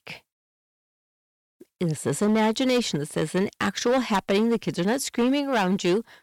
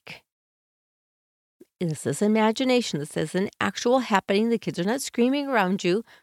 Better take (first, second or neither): second